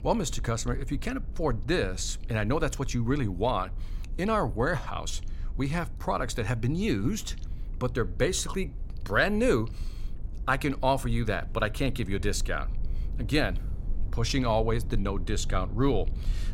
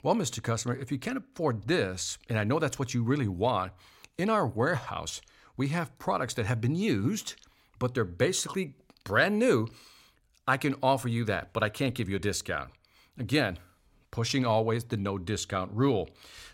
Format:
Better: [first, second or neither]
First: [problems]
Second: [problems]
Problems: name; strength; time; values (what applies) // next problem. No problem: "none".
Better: second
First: low rumble; faint; throughout; 25 dB below the speech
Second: none